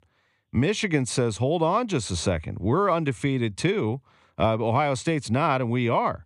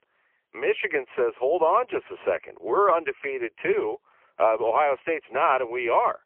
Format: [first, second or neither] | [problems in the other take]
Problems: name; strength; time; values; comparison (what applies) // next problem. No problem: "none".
first | phone-call audio; poor line